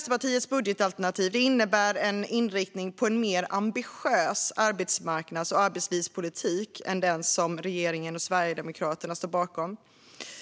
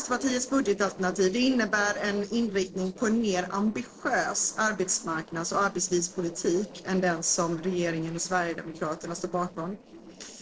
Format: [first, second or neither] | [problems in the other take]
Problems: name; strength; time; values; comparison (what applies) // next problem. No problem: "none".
first | noise reduction (neural separator model SepFormer DNS4)